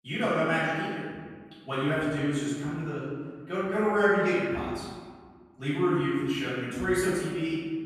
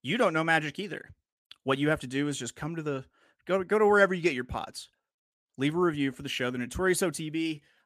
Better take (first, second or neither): second